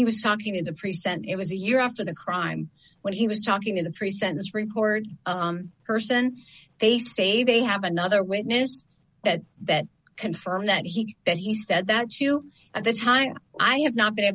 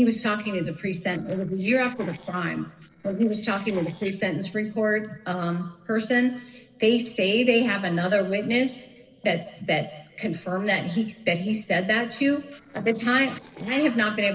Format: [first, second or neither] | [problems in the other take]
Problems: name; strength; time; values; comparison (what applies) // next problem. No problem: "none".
first | noise reduction (neural separator model SepFormer DNS4)